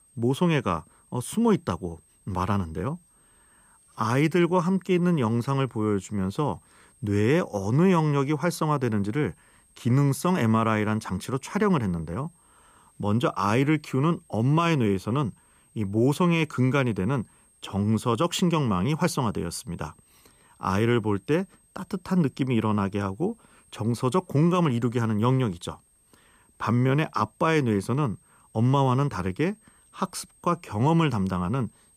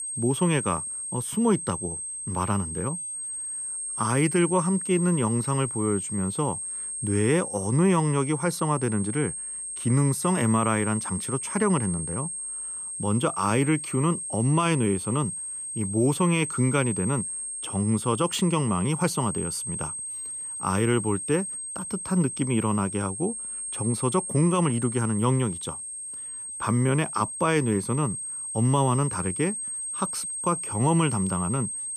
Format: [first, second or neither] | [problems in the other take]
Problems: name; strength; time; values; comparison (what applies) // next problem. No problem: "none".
first | high-pitched whine; loud; throughout; 8.5 kHz, 5 dB below the speech; faint in the first